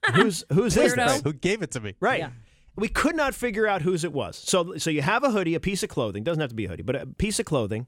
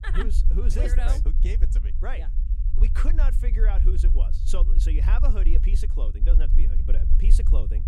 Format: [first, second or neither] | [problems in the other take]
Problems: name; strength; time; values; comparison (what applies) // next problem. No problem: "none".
first | low rumble; loud; throughout; 7 dB below the speech